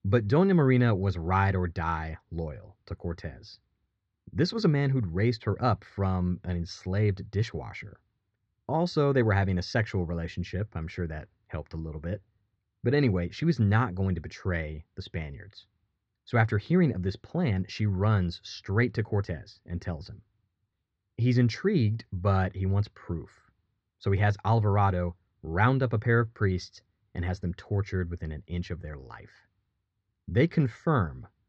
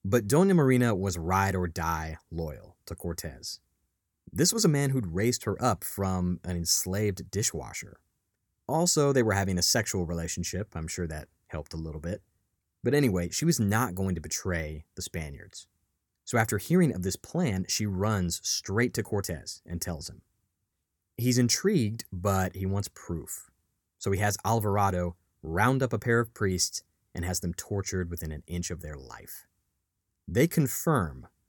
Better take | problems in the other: second | muffled; slightly; fading above 4 kHz

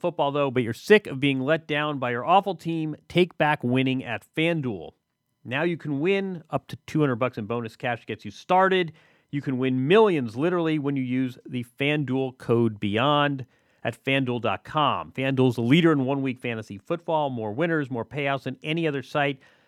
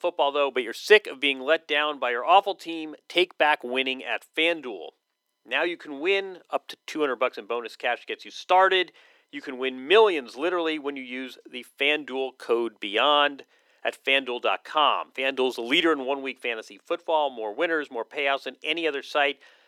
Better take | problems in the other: first | thin; somewhat; fading below 350 Hz

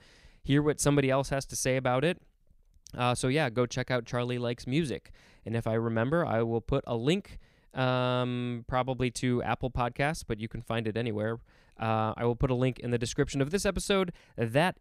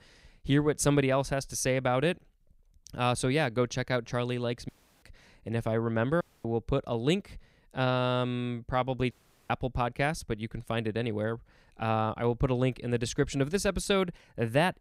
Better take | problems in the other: first | audio cutting out; at 4.5 s, at 6 s and at 9 s

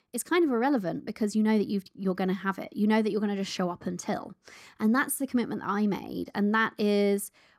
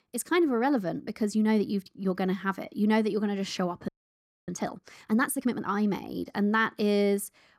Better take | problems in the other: first | audio freezing; at 4 s for 0.5 s

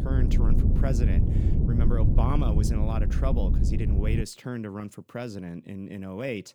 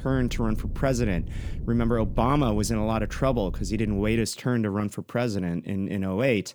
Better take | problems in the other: second | low rumble; loud; until 4 s; 2 dB below the speech; faint in the second

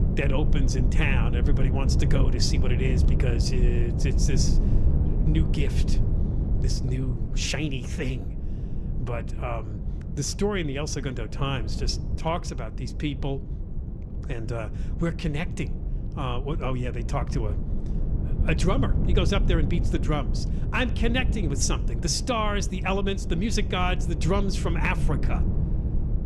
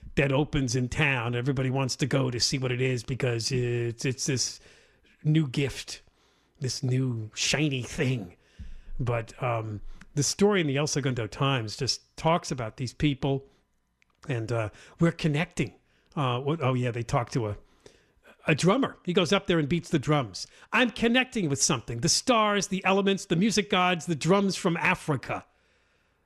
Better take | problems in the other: second | wind noise on the microphone; heavy; 9 dB below the speech

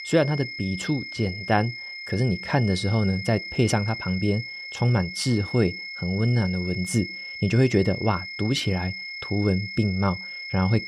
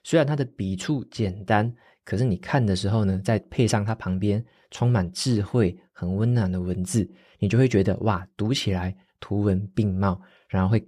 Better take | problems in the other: second | high-pitched whine; loud; throughout; 2 kHz, 8 dB below the speech

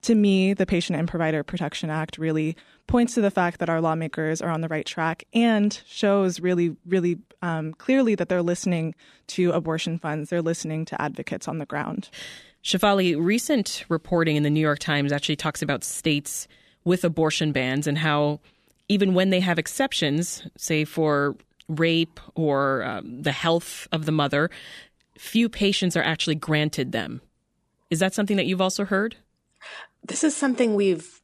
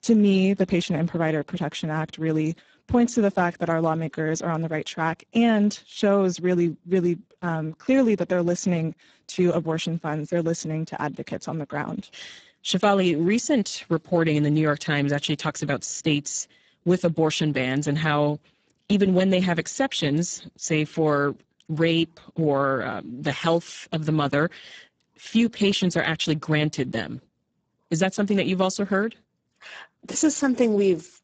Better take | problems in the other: first | garbled, watery; badly; nothing above 7.5 kHz

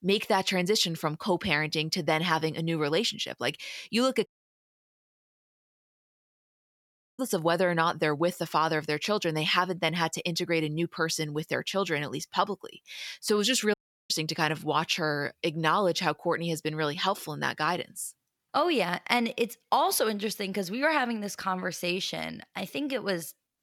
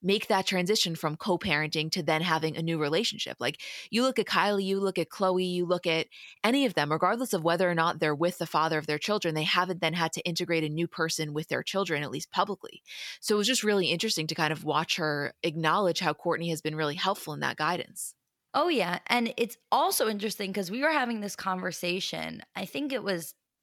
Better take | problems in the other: second | audio cutting out; at 4.5 s for 3 s and at 14 s

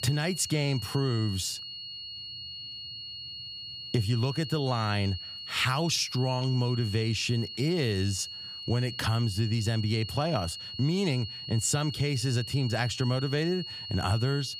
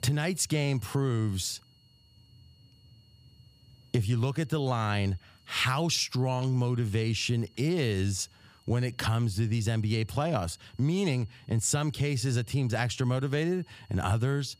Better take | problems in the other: second | high-pitched whine; loud; throughout; 4.5 kHz, 9 dB below the speech; faint in the second

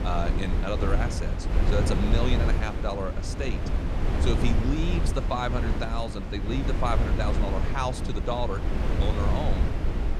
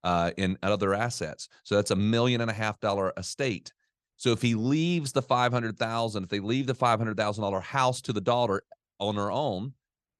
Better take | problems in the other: second | wind noise on the microphone; heavy; 4 dB below the speech

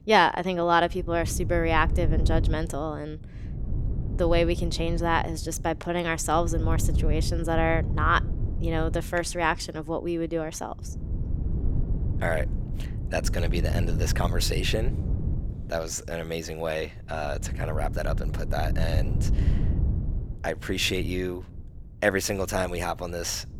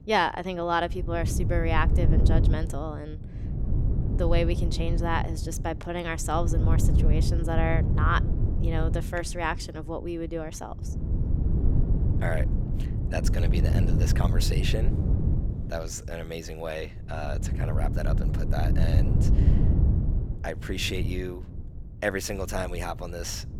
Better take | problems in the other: first | wind noise on the microphone; heavy; 8 dB below the speech; occasional gusts in the first

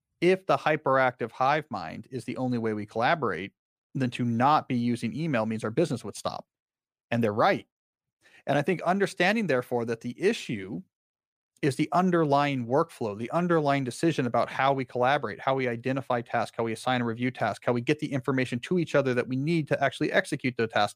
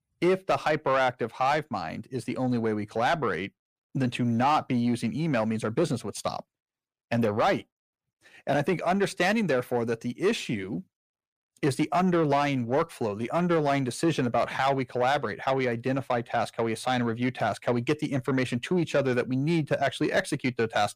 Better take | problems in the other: first | distortion; slight; 10 dB below the speech

